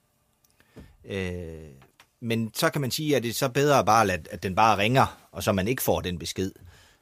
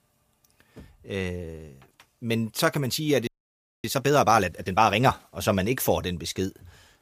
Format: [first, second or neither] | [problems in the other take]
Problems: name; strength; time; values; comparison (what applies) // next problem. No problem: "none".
first | audio freezing; at 3.5 s for 0.5 s